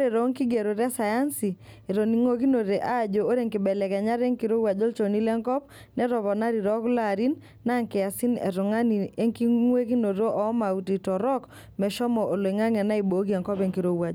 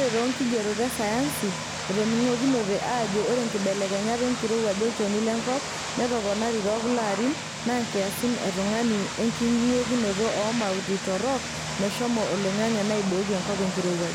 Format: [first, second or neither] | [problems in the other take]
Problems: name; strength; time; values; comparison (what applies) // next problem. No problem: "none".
first | background sound (Vehicle); 6 dB below the speech